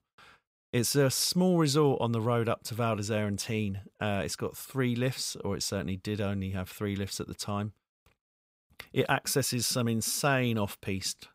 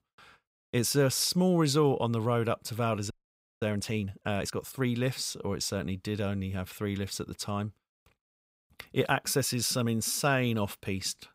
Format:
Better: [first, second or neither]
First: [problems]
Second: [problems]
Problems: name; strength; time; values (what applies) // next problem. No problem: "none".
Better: first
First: none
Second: audio freezing; at 3 s for 0.5 s